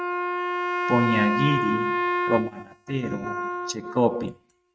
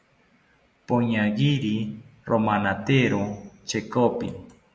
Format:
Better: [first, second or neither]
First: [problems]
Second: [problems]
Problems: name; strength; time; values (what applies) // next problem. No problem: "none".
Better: second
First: noise reduction (neural mask model RNNoise)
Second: none